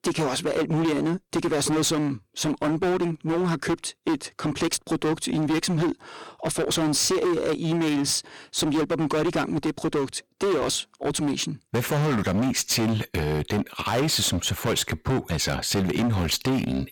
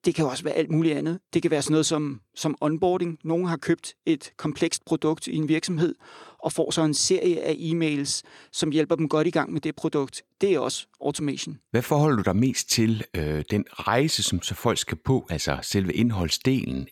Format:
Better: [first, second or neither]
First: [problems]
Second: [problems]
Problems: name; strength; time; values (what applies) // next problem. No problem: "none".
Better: second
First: distortion; heavy; 22% of the sound clipped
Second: none